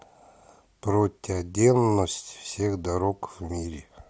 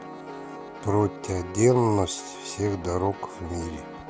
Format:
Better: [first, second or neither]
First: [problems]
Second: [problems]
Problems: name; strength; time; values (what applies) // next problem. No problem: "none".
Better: first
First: none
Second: background sound (Piano); 13 dB below the speech